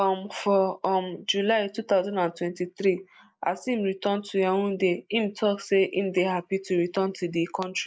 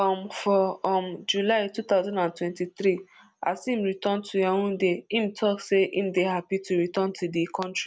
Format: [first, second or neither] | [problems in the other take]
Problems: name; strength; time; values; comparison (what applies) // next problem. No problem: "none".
second | noise reduction (neural mask model Resemble Enhance denoiser)